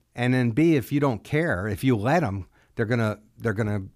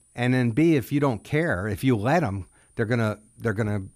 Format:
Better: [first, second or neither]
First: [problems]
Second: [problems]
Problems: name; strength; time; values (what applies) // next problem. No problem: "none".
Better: first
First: none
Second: high-pitched whine; faint; throughout; 9.5 kHz, 35 dB below the speech